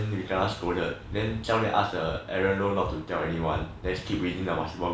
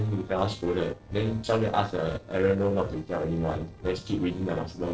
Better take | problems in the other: first | noise reduction (neural separator model SepFormer DNS4)

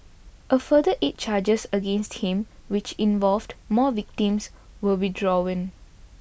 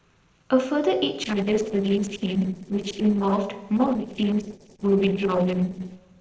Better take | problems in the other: first | noise reduction (neural separator model SepFormer DNS4)

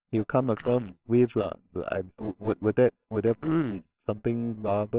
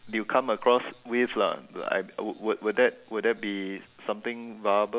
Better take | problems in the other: second | noise reduction (neural separator model SepFormer WHAMR!)

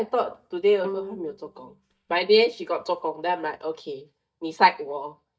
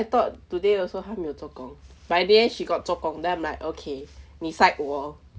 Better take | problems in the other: second | noise reduction (neural mask model DeepFilterNet 3)

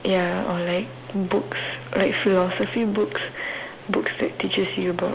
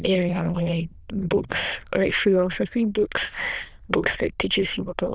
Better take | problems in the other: first | noise reduction (neural diffusion model UNIVERSE++)

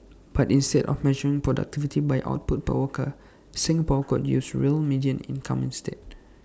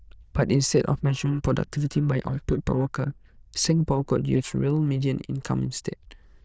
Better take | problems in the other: first | noise reduction (neural diffusion model UNIVERSE++)

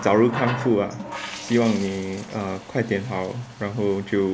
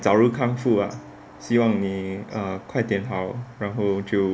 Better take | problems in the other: second | background sound (Water tap, faucet); 13 dB below the speech

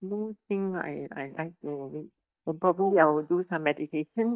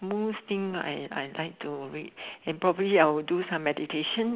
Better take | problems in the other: second | noise reduction (neural mask model DeepFilterNet 3)

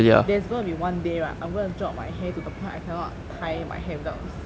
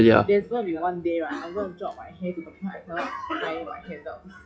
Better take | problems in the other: first | noise reduction (classical method WPE with log-MMSE)

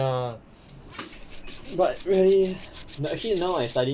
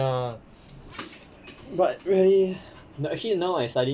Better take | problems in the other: second | background sound (Tools); 15 dB below the speech

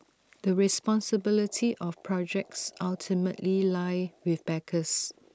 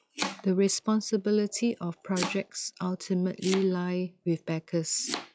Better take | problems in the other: first | noise reduction (classical method log-MMSE)

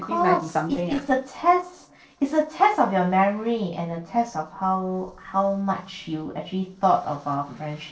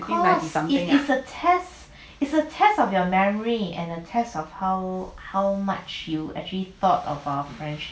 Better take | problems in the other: second | noise reduction (neural separator model SepFormer DNS4)

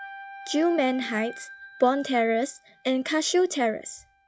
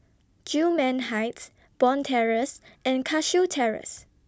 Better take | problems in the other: second | noise reduction (classical method log-MMSE)

